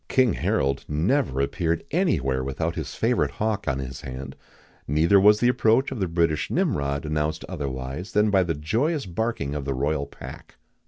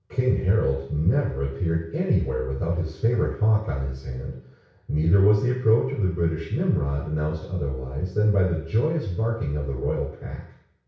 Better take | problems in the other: first | room echo; dies away in 0.6 s

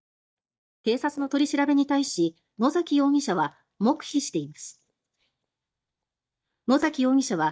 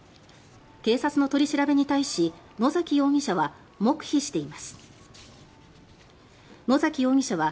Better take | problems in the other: second | noise reduction (neural mask model DeepFilterNet 3)

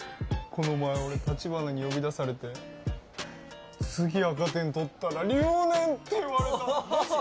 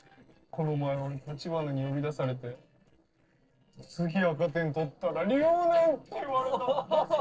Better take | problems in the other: first | noise reduction (neural separator model SepFormer DNS4)

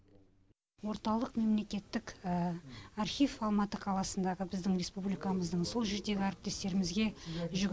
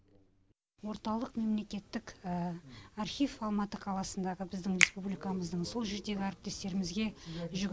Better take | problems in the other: first | background sound (Finger snapping); as loud as the speech

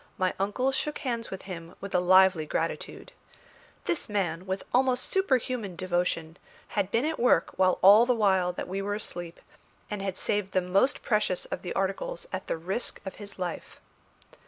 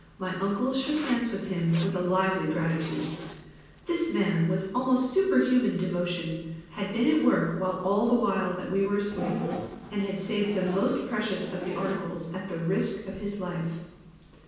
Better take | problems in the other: first | background sound (Zipper (clothing)); 15 dB below the speech // room echo; dies away in 1.2 s

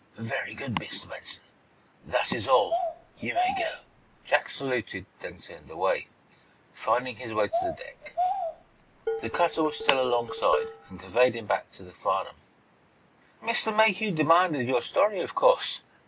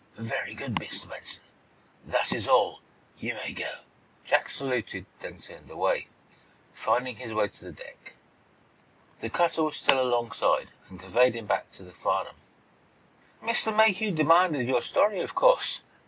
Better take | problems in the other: second | background sound (Dishes, pots, and pans + Bird vocalization, bird call, bird song); 5 dB below the speech

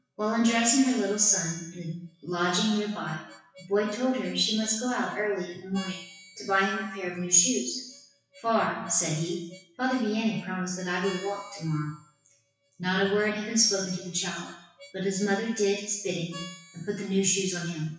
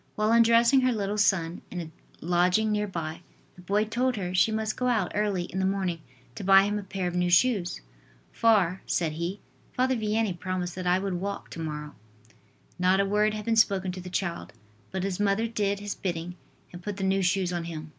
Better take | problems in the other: second | noise reduction (classical method WPE with log-MMSE)

